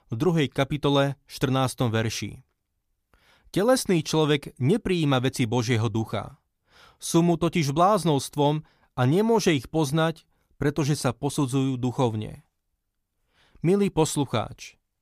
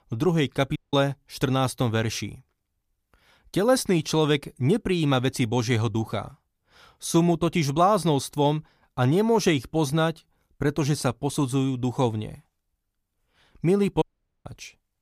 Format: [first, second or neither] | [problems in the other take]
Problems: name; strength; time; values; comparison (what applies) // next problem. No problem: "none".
first | audio cutting out; at 1 s and at 14 s